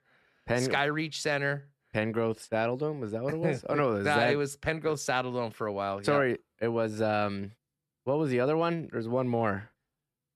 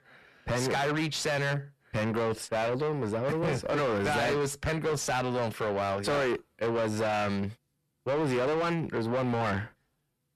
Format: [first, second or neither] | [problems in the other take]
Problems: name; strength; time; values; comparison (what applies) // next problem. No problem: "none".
first | distortion; heavy; 5 dB below the speech